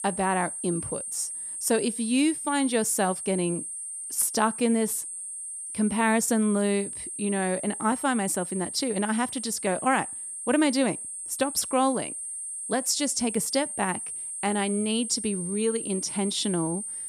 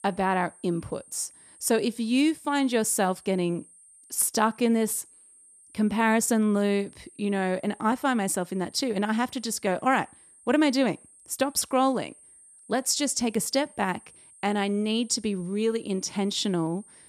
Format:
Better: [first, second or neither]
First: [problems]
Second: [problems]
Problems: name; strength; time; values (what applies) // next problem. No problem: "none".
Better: second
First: high-pitched whine; loud; throughout; 8.5 kHz, 6 dB below the speech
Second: high-pitched whine; faint; throughout; 8.5 kHz, 25 dB below the speech